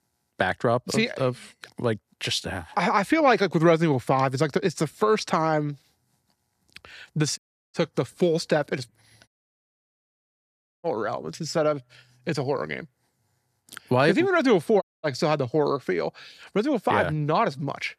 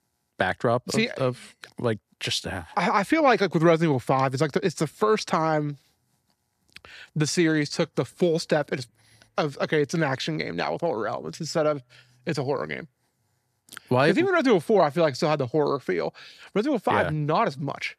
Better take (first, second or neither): second